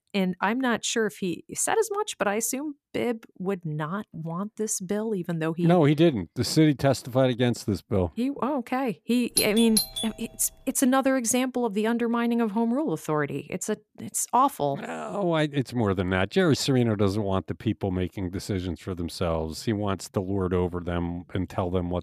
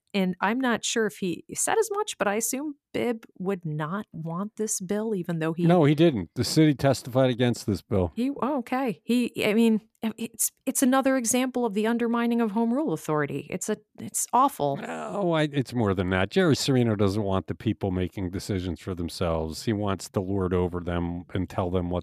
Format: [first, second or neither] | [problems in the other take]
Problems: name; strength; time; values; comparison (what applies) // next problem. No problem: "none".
second | doorbell; loud; at 9.5 s; peak 1 dB above the speech